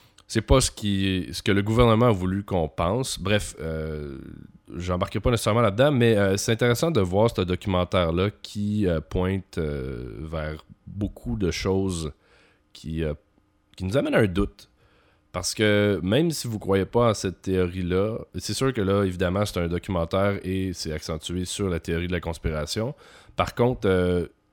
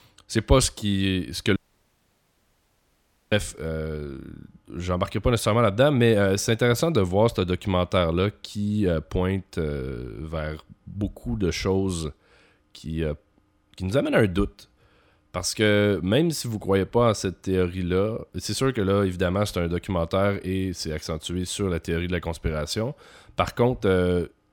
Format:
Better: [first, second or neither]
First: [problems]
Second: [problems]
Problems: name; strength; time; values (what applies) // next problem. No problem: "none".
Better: first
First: none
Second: audio cutting out; at 1.5 s for 2 s